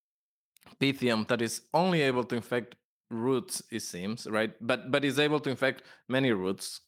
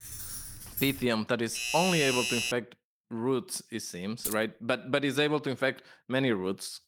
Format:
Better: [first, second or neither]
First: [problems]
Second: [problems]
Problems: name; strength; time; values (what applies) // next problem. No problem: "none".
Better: first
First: none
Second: jangling keys; noticeable; until 1 s and at 4 s; peak 5 dB below the speech // doorbell; loud; at 1.5 s; peak 2 dB above the speech